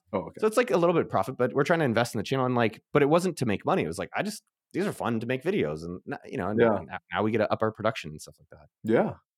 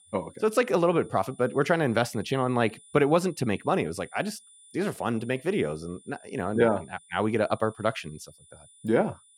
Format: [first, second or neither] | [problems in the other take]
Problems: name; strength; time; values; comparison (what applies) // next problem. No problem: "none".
first | high-pitched whine; faint; throughout; 9.5 kHz, 25 dB below the speech